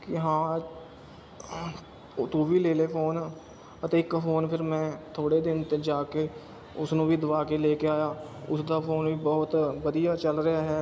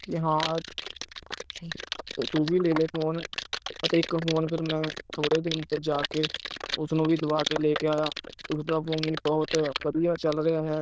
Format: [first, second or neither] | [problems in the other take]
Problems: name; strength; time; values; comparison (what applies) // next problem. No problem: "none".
first | noise reduction (neural diffusion model UNIVERSE++)